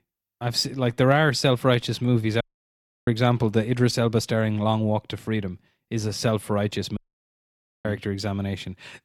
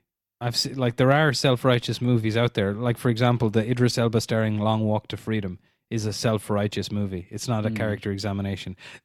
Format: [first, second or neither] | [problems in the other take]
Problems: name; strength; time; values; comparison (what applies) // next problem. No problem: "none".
second | audio cutting out; at 2.5 s for 0.5 s and at 7 s for 1 s